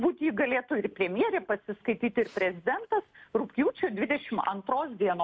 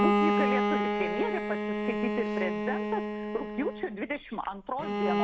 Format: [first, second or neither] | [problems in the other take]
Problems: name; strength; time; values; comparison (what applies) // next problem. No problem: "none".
first | background sound (Bowed string instrument); 4 dB above the speech